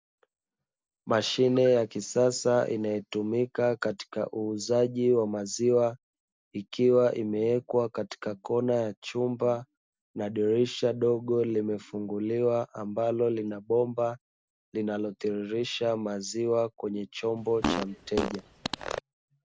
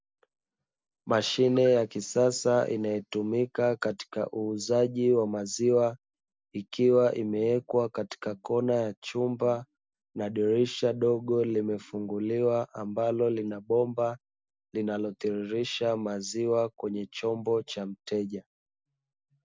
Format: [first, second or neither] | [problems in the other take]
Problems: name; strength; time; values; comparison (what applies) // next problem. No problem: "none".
second | background sound (Fart); 5 dB below the speech